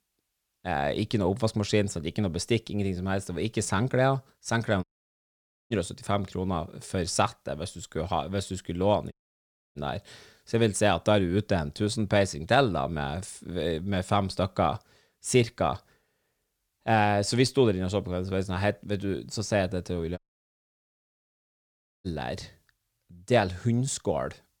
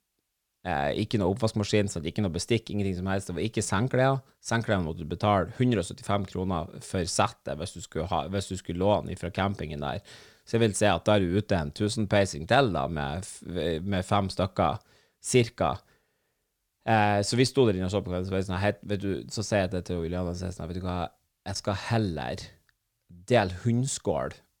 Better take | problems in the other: second | audio cutting out; at 5 s for 1 s, at 9 s for 0.5 s and at 20 s for 2 s

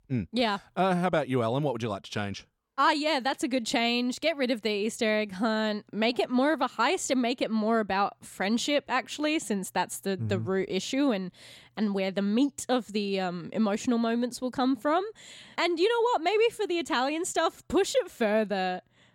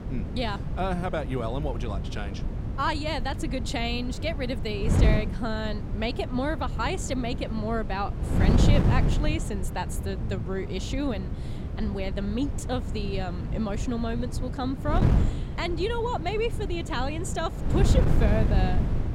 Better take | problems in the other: first | wind noise on the microphone; heavy; 7 dB below the speech

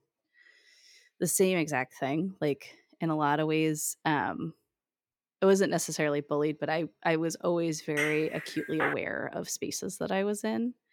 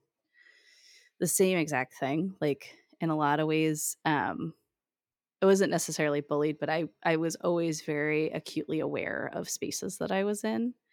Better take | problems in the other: second | clattering dishes; noticeable; at 8 s; peak 3 dB below the speech

